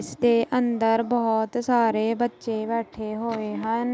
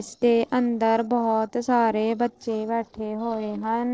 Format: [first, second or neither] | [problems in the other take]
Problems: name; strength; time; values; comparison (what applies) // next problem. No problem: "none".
first | noise reduction (neural separator model SepFormer DNS4)